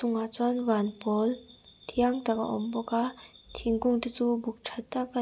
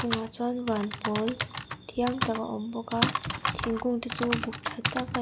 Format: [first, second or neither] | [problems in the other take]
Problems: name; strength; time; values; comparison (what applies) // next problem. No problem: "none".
first | background sound (Typing); 2 dB below the speech